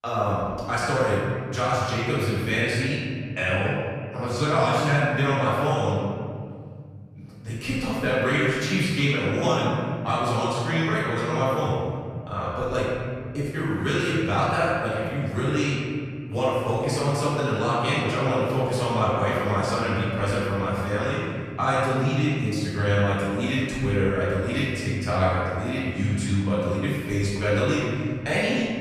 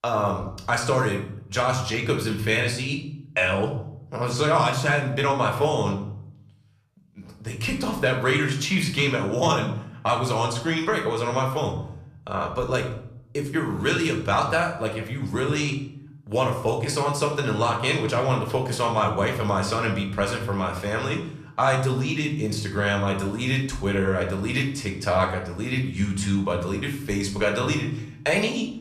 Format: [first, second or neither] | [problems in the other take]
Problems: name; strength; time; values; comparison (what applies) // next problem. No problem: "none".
second | room echo; strong; dies away in 2.4 s; slight in the second // off-mic speech; far; somewhat distant in the second